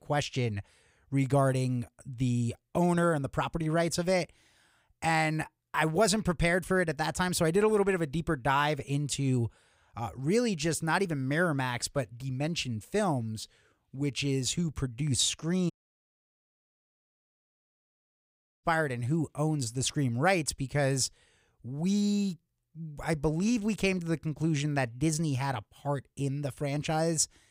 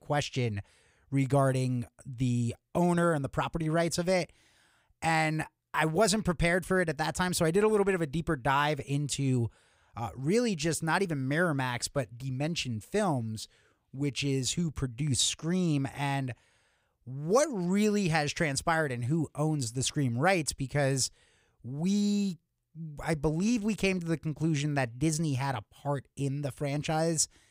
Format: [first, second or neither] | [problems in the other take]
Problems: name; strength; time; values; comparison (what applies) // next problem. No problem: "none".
second | audio cutting out; at 16 s for 3 s